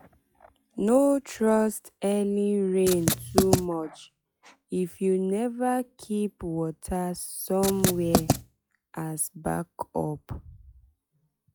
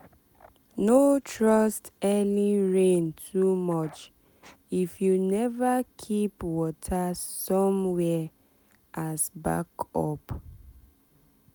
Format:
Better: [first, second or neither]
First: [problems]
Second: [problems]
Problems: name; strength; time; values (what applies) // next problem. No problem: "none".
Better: second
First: noise reduction (classical method log-MMSE)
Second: none